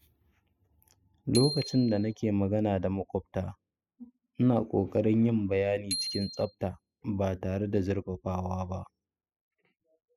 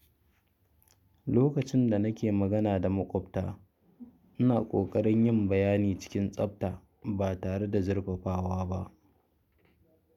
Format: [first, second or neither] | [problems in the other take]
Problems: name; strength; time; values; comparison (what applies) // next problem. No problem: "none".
second | noise reduction (classical method spectral subtraction)